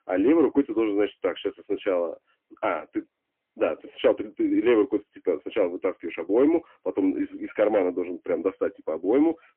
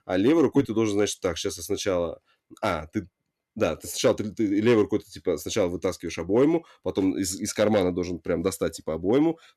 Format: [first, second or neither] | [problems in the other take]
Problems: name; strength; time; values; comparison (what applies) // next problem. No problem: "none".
second | phone-call audio; poor line; nothing above 3 kHz